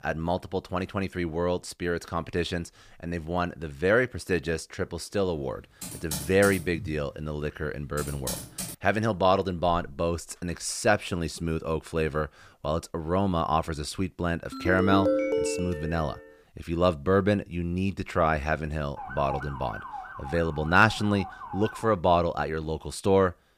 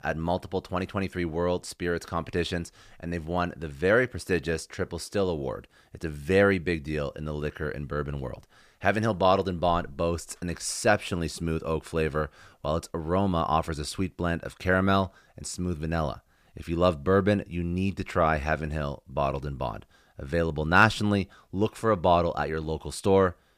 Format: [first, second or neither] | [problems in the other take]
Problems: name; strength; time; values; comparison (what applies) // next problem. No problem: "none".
second | keyboard typing; noticeable; from 6 to 9 s; peak 5 dB below the speech // phone ringing; loud; from 15 to 16 s; peak 3 dB above the speech // siren; noticeable; from 19 to 22 s; peak 9 dB below the speech